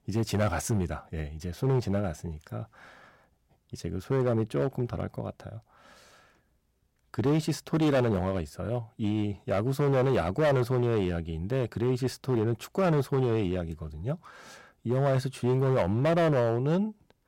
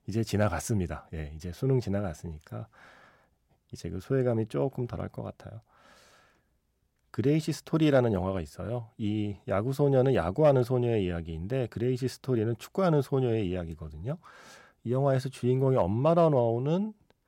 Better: second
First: distortion; slight; 8% of the sound clipped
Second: none

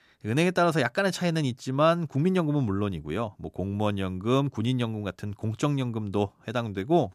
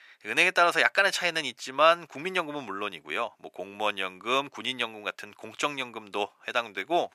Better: first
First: none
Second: thin; very; fading below 650 Hz

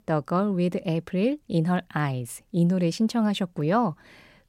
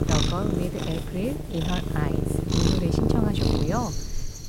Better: first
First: none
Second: animal sounds; very loud; throughout; 4 dB above the speech

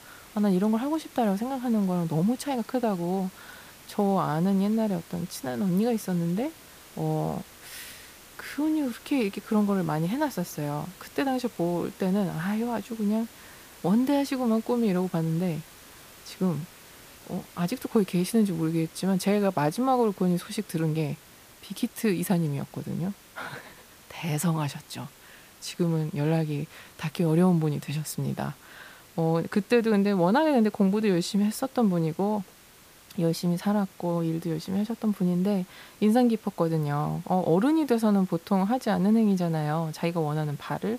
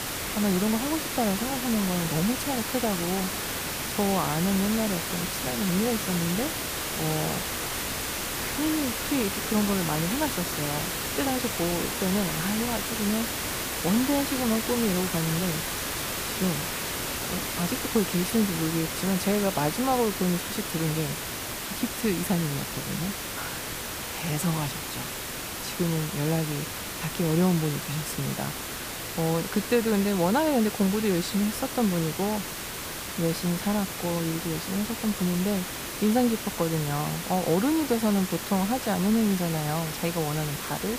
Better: first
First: hiss; faint; throughout; 20 dB below the speech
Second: hiss; loud; throughout; 3 dB below the speech

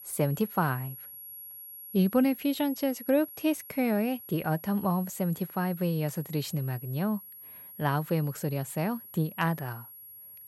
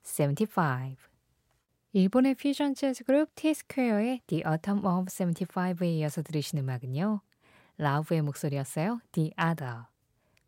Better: second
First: high-pitched whine; noticeable; throughout; 11.5 kHz, 15 dB below the speech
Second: none

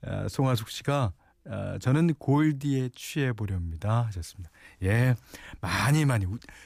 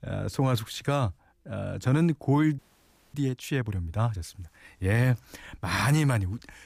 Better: first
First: none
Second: audio freezing; at 2.5 s for 0.5 s

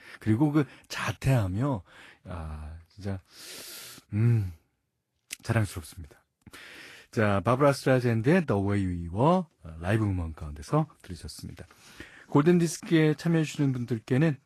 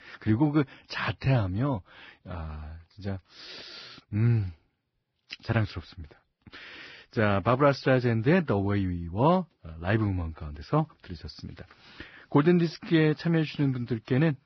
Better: first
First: garbled, watery; slightly; nothing above 12.5 kHz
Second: garbled, watery; badly; nothing above 5.5 kHz

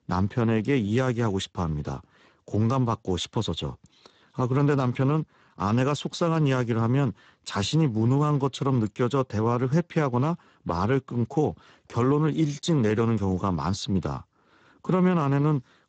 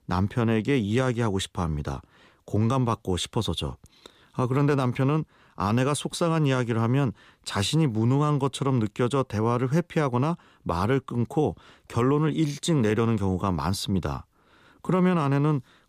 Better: second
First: garbled, watery; badly; nothing above 8 kHz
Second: none

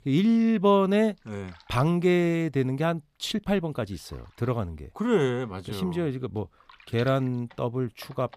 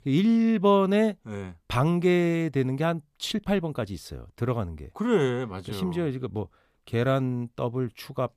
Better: second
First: household noises; faint; throughout; 25 dB below the speech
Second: none

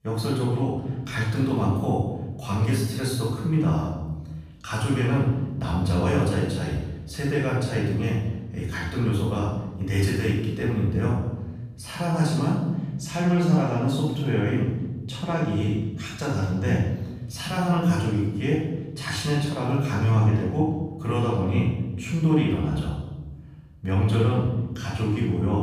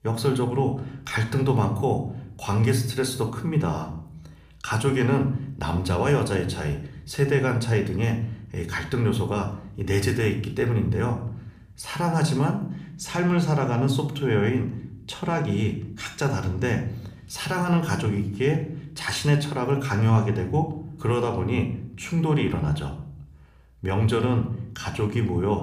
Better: second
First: room echo; strong; dies away in 1.1 s // off-mic speech; far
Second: room echo; slight; dies away in 0.6 s

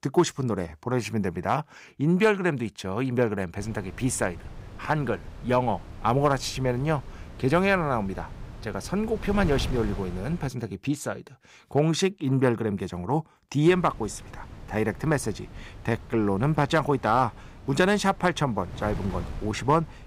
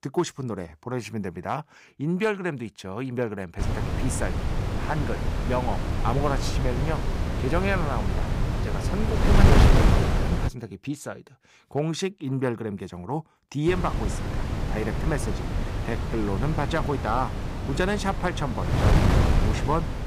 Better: first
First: wind noise on the microphone; occasional gusts; from 3.5 to 10 s and from 14 s on; 20 dB below the speech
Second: wind noise on the microphone; heavy; from 3.5 to 10 s and from 14 s on; 1 dB below the speech

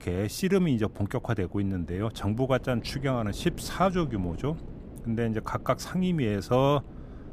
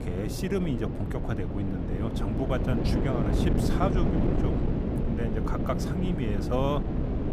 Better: first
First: wind noise on the microphone; occasional gusts; 20 dB below the speech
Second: wind noise on the microphone; heavy; 1 dB below the speech

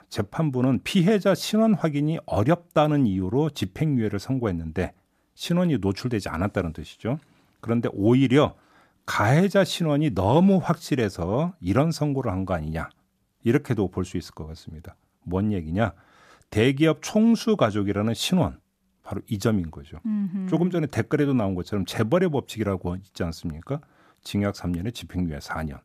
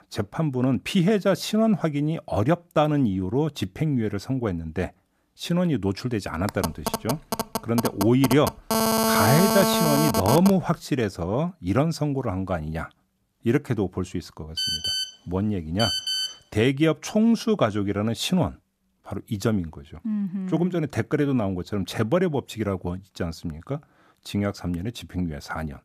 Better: first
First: none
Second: phone ringing; loud; from 6.5 to 11 s and from 15 to 16 s; peak 4 dB above the speech

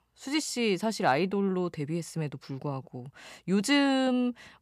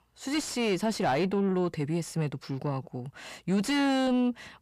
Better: first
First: none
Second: distortion; slight; 10 dB below the speech

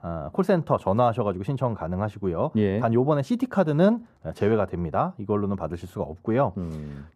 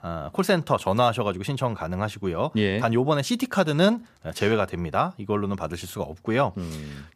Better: second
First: muffled; slightly; fading above 1.5 kHz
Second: none

